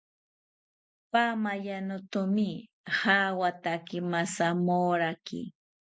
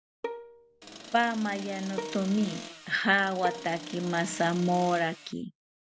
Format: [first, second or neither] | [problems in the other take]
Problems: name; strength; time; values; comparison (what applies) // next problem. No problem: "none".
first | background sound (Bowed string instrument + Accelerating, revving, vroom); 11 dB below the speech